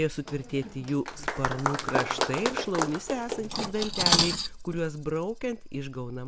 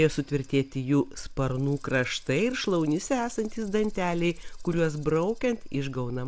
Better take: second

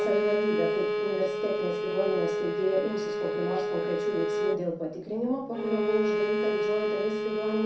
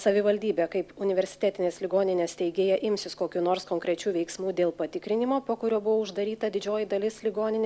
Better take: second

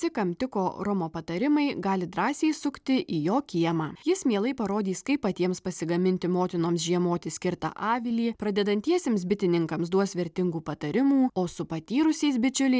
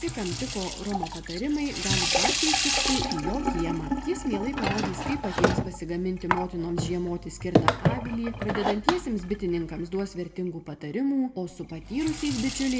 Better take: first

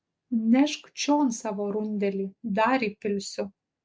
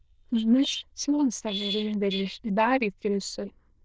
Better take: first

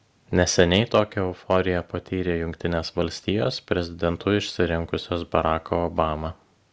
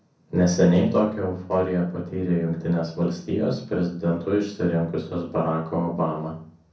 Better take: first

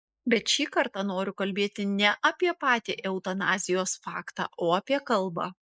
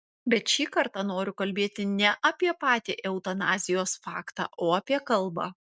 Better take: second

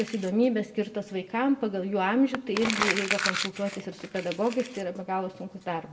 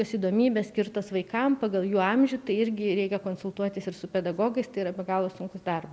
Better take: second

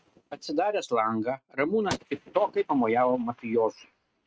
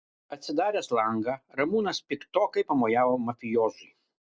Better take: second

